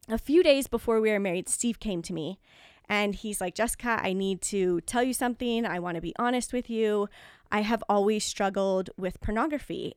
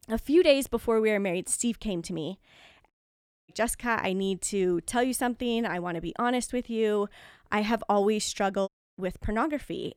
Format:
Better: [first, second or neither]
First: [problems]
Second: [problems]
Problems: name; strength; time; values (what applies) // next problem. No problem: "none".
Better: first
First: none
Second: audio cutting out; at 3 s for 0.5 s and at 8.5 s